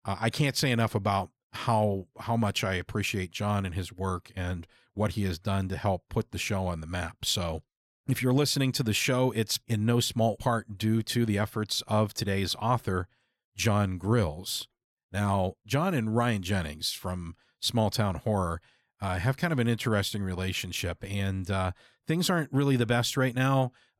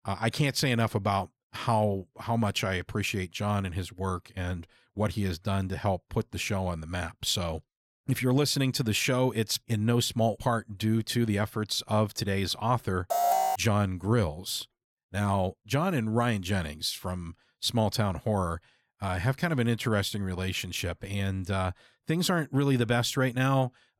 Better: first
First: none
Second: alarm; loud; at 13 s; peak 4 dB above the speech

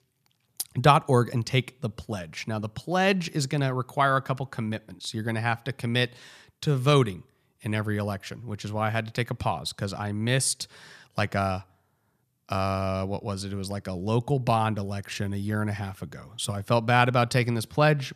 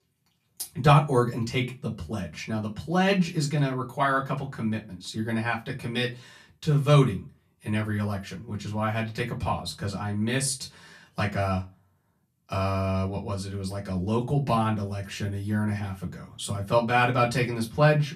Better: first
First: none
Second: off-mic speech; far // room echo; very slight; dies away in 0.2 s

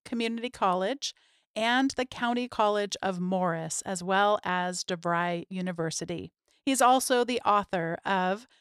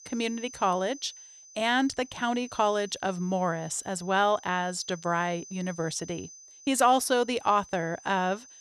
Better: first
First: none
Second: high-pitched whine; noticeable; throughout; 6 kHz, 20 dB below the speech

